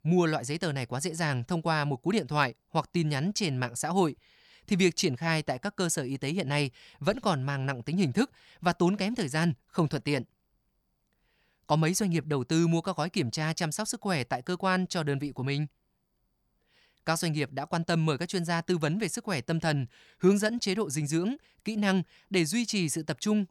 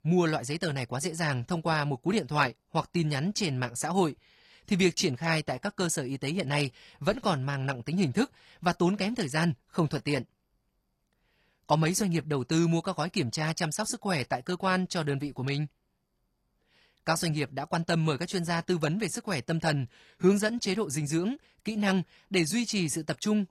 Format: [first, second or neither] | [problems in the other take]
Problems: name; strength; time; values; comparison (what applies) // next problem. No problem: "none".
first | garbled, watery; slightly; nothing above 12 kHz